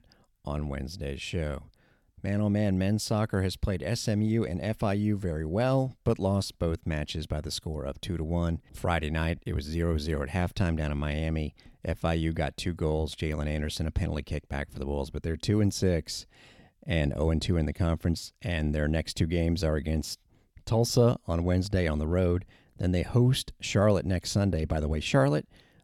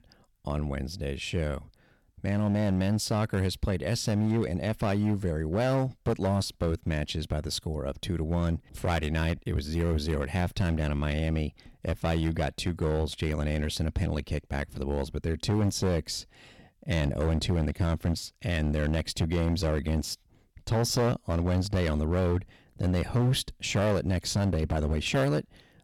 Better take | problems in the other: first | distortion; slight; 8% of the sound clipped

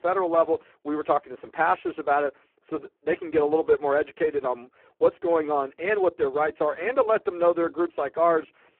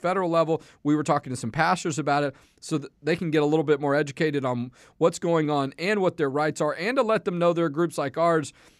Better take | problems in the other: second | phone-call audio; poor line; nothing above 3.5 kHz

